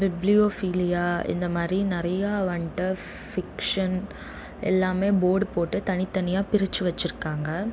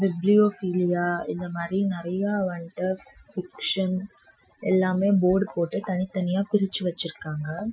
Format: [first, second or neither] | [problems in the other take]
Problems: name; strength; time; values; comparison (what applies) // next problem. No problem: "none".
first | noise reduction (classical method Wiener filter)